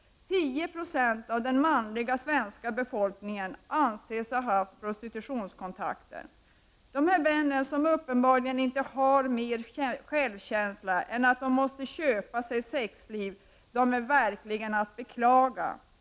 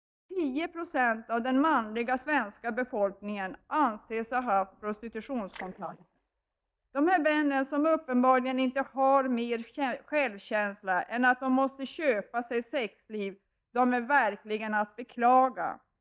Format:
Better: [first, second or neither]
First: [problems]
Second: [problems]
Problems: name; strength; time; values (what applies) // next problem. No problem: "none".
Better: first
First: none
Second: noise reduction (neural mask model DeepFilterNet 3)